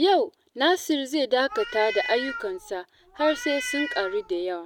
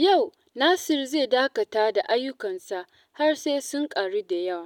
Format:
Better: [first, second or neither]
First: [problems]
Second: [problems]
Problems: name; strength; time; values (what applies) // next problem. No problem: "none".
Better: second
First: background sound (Meow); 9 dB below the speech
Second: none